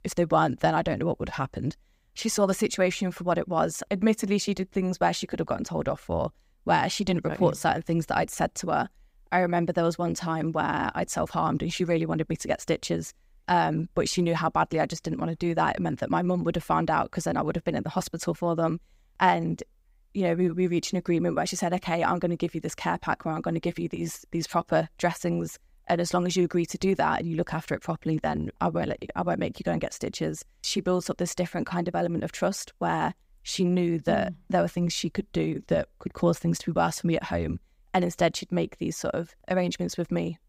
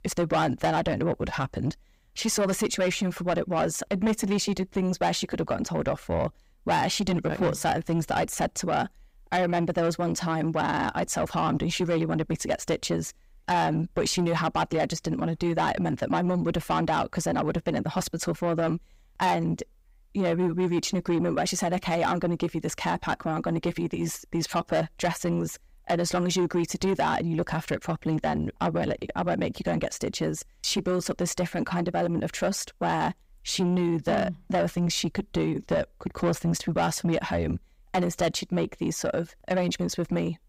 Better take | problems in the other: first | distortion; slight; 10 dB below the speech

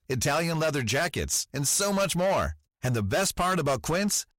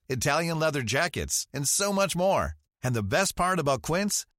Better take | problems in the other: second | distortion; slight; 12% of the sound clipped

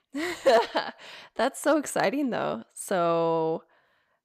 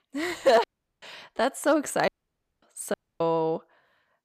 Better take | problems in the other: first | audio cutting out; at 0.5 s, at 2 s for 0.5 s and at 3 s

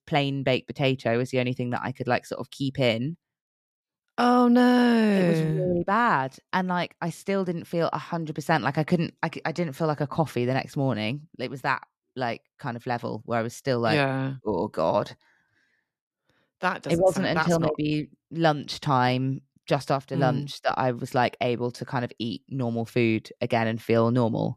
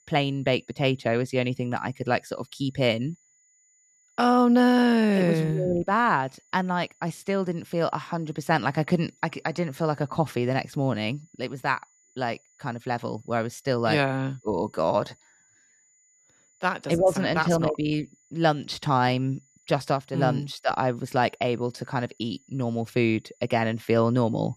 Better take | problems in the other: first | high-pitched whine; faint; throughout; 7 kHz, 35 dB below the speech

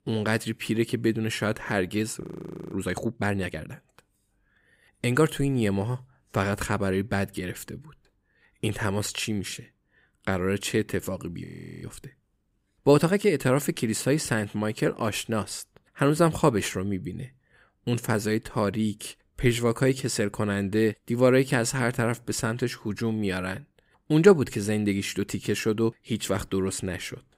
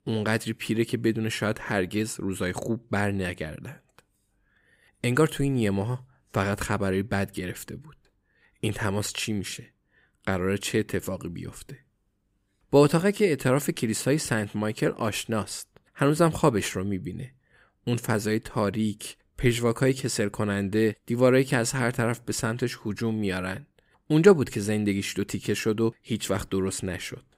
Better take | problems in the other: second | audio freezing; at 2 s for 0.5 s and at 11 s

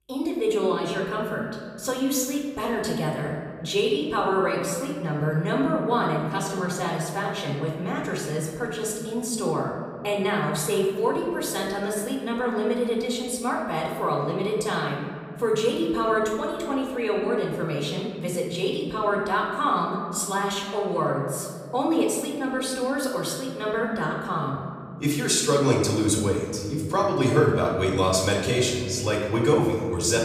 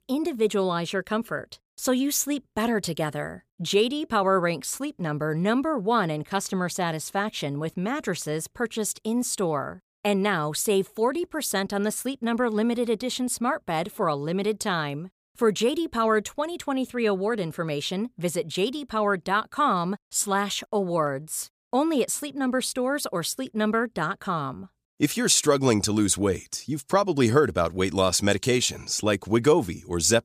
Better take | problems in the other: second | off-mic speech; far // room echo; noticeable; dies away in 2.1 s

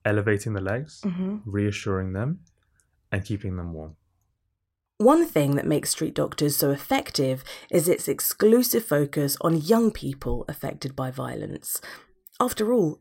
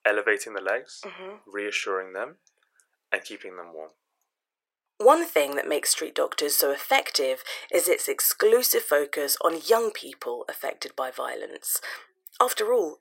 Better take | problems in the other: first | thin; very; fading below 450 Hz

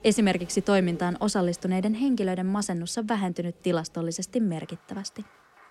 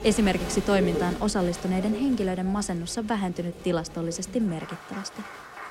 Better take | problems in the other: first | crowd noise; loud; throughout; 9 dB below the speech; faint in the first

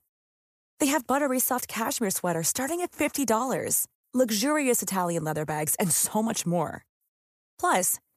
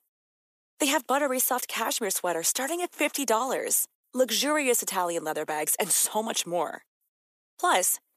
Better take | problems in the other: first | thin; very slightly; fading below 300 Hz

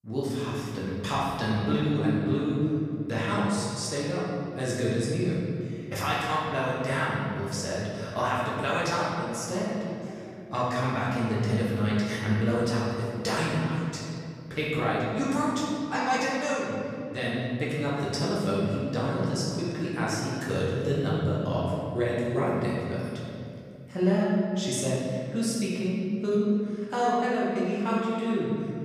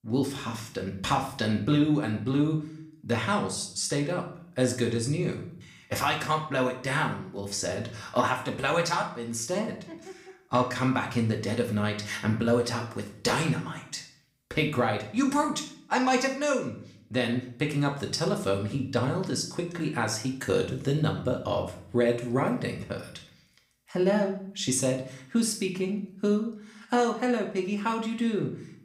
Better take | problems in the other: second | room echo; strong; dies away in 2.6 s; slight in the second // off-mic speech; far; somewhat distant in the second

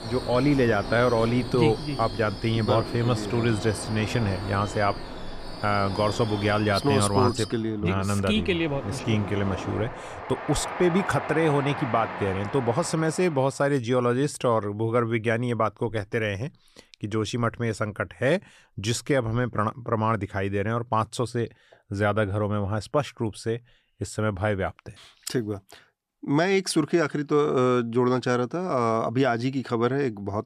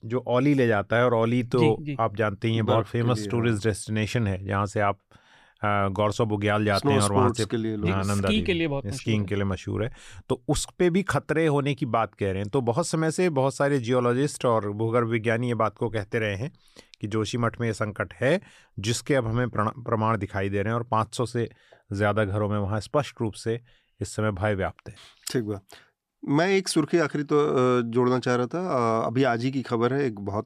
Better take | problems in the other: second | train or aircraft noise; loud; until 13 s; 10 dB below the speech

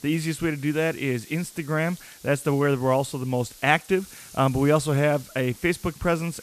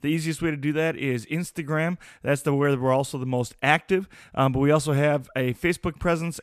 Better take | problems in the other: second | hiss; faint; throughout; 20 dB below the speech

